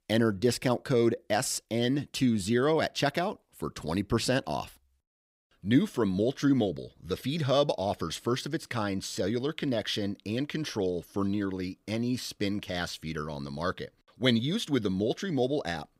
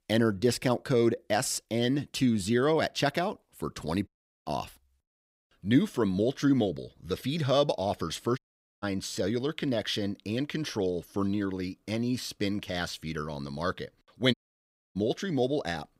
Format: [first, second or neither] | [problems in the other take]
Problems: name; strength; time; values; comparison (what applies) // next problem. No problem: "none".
first | audio cutting out; at 4 s, at 8.5 s and at 14 s for 0.5 s